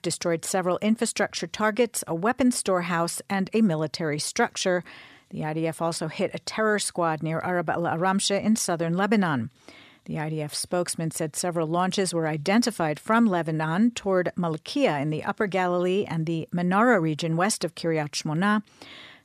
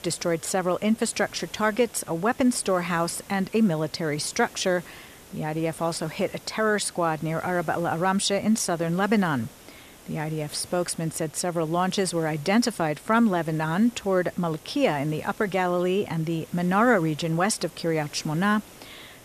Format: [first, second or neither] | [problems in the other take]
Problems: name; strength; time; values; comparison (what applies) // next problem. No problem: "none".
first | hiss; faint; throughout; 20 dB below the speech